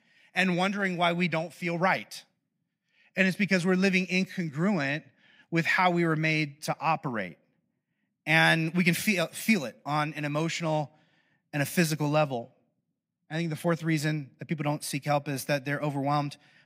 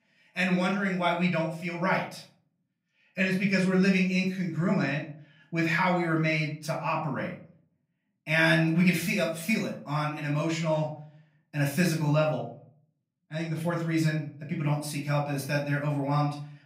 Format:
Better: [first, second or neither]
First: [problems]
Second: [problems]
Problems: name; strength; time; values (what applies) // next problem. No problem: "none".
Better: first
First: none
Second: off-mic speech; far // room echo; slight; dies away in 0.4 s